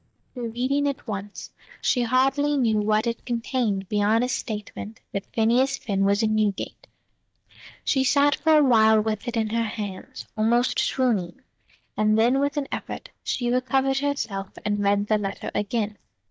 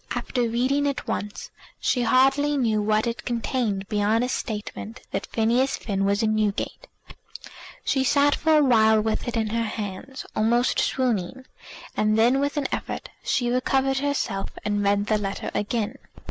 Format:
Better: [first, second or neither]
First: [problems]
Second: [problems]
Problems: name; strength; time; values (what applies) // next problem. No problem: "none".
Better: second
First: noise reduction (neural mask model DeepFilterNet 3)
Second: none